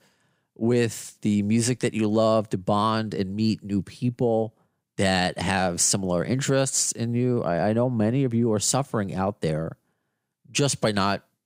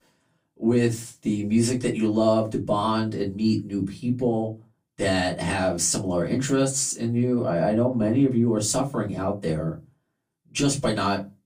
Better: first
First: none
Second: off-mic speech; far // room echo; very slight; dies away in 0.2 s

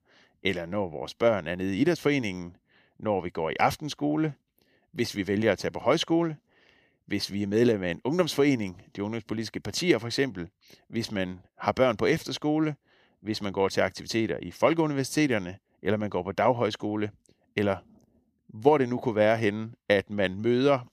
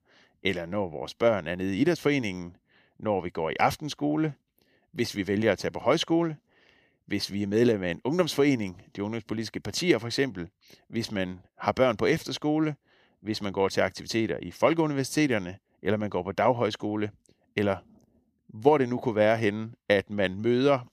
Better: neither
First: none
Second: none

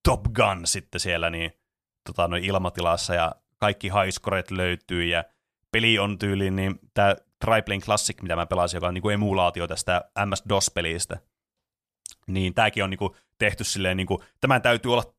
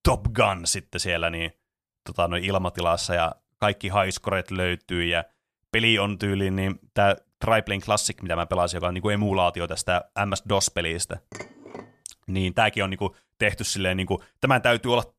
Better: first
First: none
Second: clattering dishes; faint; at 11 s; peak 15 dB below the speech

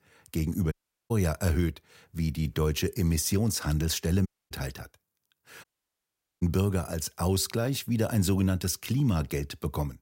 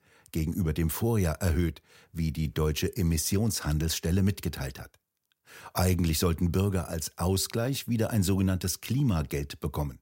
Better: second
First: audio cutting out; at 0.5 s, at 4.5 s and at 5.5 s for 1 s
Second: none

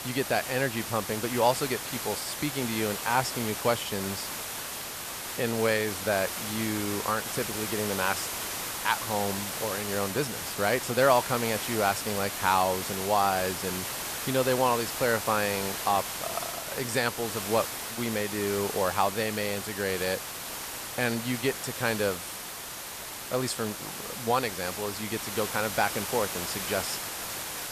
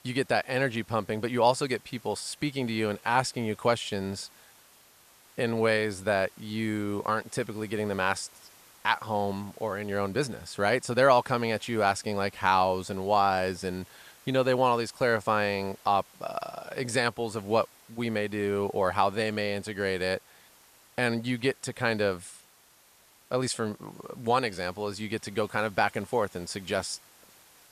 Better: second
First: hiss; loud; throughout; 4 dB below the speech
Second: hiss; faint; throughout; 25 dB below the speech

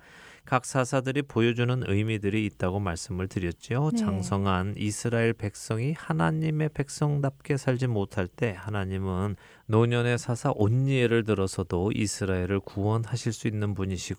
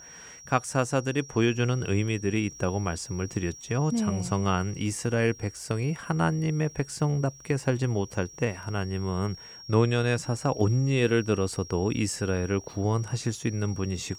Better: first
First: none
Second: high-pitched whine; noticeable; throughout; 5.5 kHz, 15 dB below the speech

